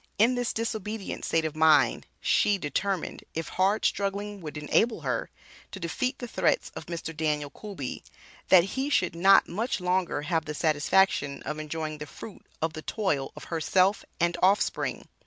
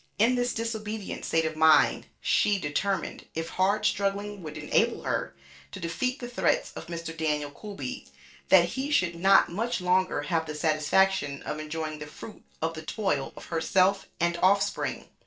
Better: first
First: none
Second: noise reduction (neural separator model SepFormer DNS4)

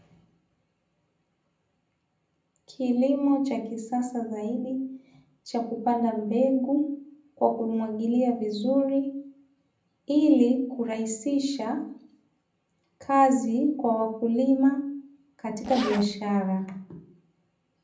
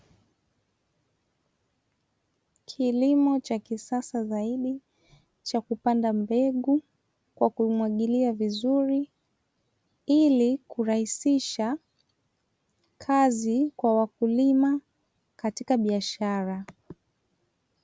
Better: second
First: background sound (Zipper (clothing)); 11 dB below the speech // room echo; dies away in 0.6 s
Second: none

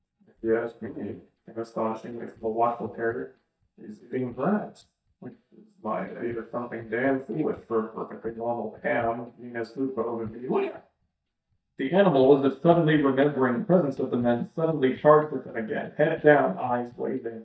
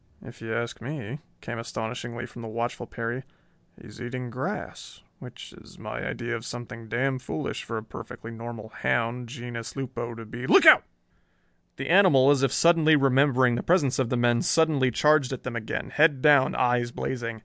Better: second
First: noise reduction (neural mask model DeepFilterNet 3)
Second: none

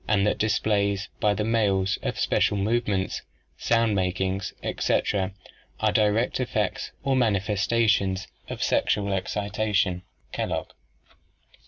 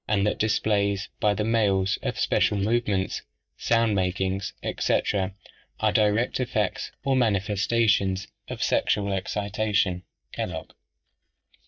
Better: first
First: none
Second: noise reduction (neural mask model DeepFilterNet 3)

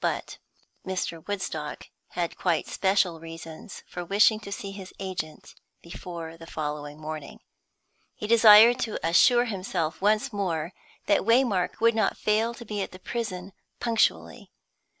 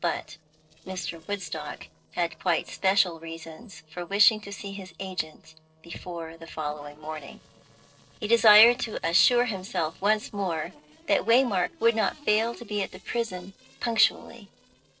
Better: first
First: none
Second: noise reduction (neural separator model SepFormer DNS4)

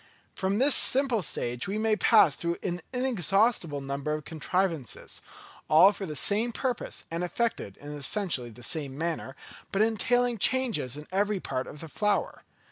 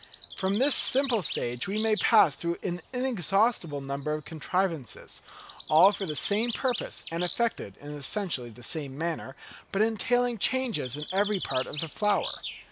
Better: first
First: none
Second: background sound (Bird); 14 dB below the speech

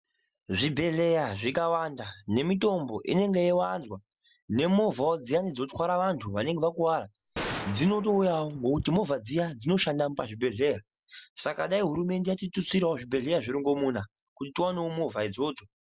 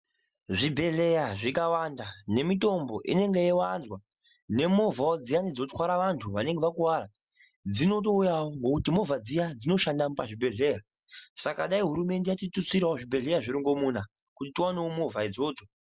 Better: second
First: background sound (Gunshot, gunfire); 11 dB below the speech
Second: none

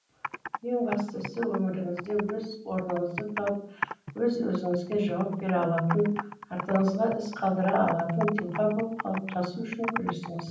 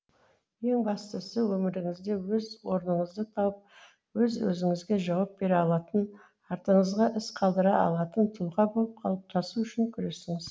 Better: second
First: background sound (Computer keyboard); 10 dB below the speech // room echo; dies away in 0.6 s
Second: none

